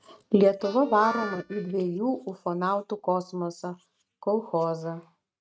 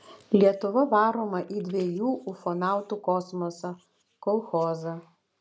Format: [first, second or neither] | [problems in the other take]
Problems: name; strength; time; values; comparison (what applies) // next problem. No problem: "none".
second | noise reduction (neural mask model RNNoise)